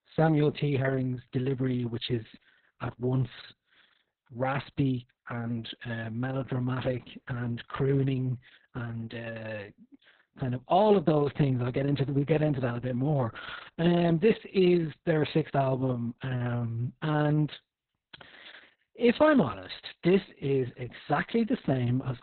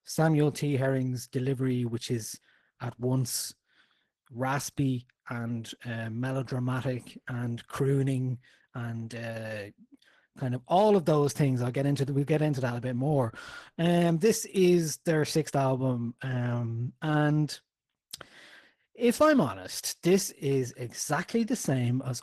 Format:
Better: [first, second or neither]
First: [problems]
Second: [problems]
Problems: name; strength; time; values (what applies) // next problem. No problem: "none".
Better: second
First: garbled, watery; badly; nothing above 4 kHz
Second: garbled, watery; slightly; nothing above 13.5 kHz